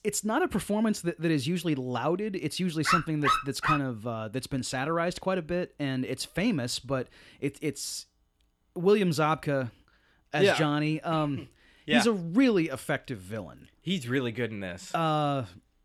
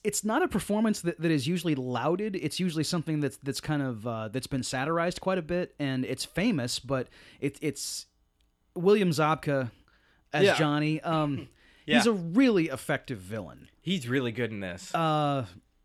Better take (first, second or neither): second